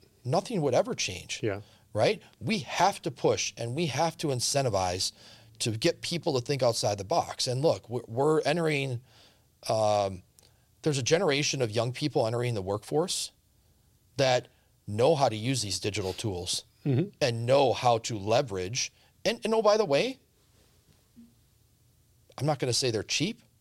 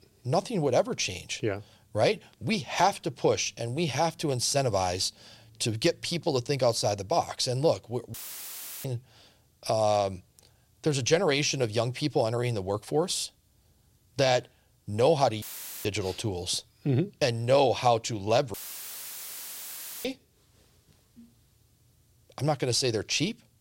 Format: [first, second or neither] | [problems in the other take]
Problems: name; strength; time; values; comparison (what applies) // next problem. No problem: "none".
first | audio cutting out; filled with static; at 8 s for 0.5 s, at 15 s and at 19 s for 1.5 s